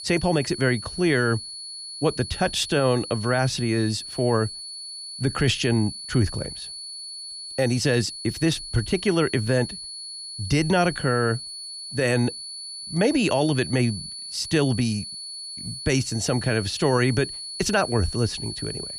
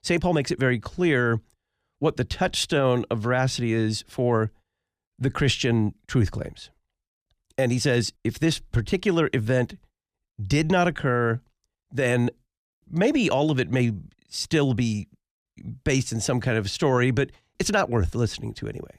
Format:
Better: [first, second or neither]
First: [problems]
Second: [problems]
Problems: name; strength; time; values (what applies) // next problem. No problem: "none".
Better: second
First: high-pitched whine; loud; throughout; 4.5 kHz, 9 dB below the speech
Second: none